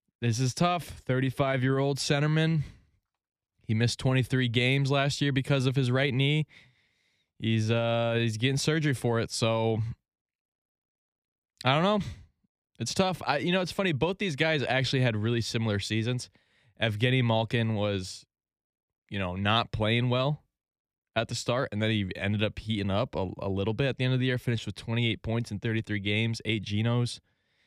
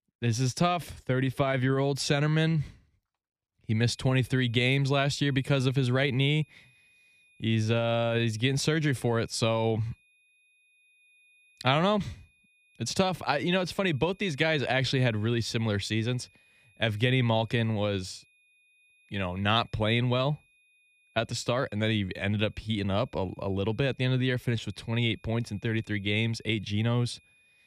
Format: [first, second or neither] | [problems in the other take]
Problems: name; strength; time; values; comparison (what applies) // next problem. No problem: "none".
first | high-pitched whine; faint; from 4 s on; 2.5 kHz, 35 dB below the speech